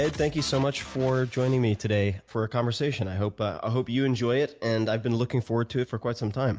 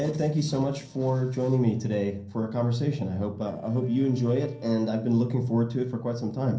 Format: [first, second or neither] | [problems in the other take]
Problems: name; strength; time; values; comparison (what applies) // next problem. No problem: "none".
first | noise reduction (neural separator model SepFormer DNS4)